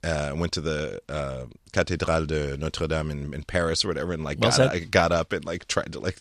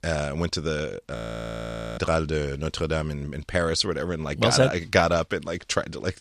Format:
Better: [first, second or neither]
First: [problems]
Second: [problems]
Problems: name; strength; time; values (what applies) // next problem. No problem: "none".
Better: first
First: none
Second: audio freezing; at 1 s for 1 s